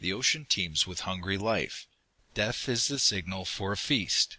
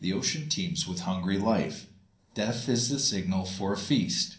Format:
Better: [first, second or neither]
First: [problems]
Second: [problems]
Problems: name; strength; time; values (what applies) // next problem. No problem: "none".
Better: first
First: none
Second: room echo; dies away in 0.6 s